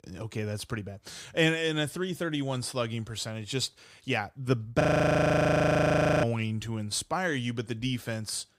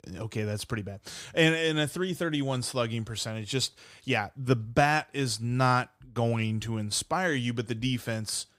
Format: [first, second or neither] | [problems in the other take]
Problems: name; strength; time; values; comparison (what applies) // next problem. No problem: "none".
second | audio freezing; at 5 s for 1.5 s